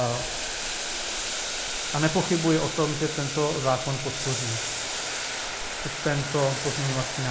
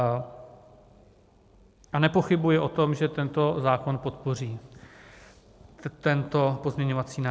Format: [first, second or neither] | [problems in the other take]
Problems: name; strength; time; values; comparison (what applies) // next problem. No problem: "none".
second | background sound (Boiling); 3 dB below the speech // room echo; dies away in 0.6 s